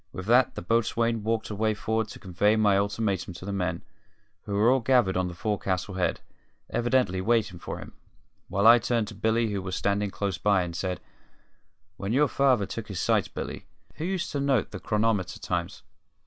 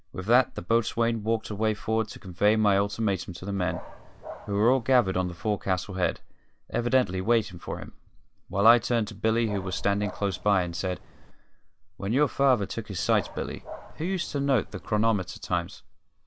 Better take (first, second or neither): first